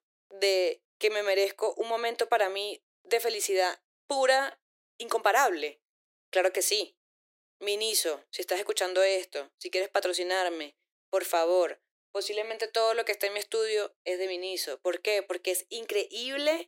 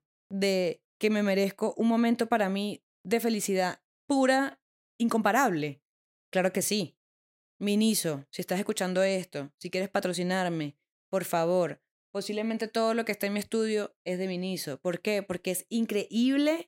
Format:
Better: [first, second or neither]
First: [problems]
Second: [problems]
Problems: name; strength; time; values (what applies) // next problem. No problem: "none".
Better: second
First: thin; very; fading below 350 Hz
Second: none